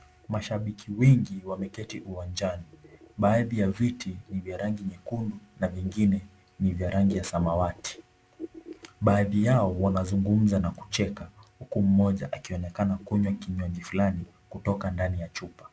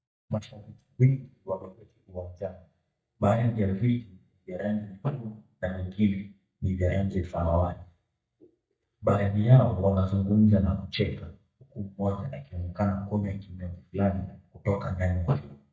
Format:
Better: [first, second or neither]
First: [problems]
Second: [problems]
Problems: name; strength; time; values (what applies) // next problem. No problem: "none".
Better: first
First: none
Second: noise reduction (neural mask model DeepFilterNet 3)